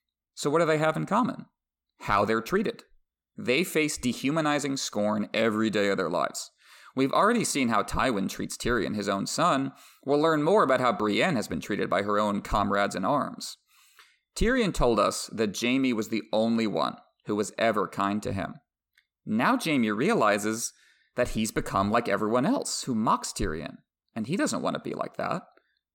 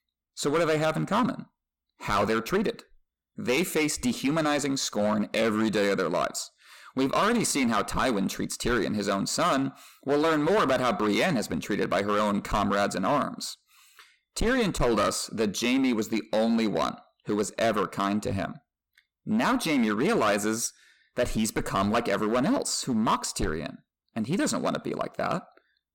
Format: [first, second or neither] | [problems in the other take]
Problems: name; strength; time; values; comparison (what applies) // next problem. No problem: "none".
first | distortion; slight; 9% of the sound clipped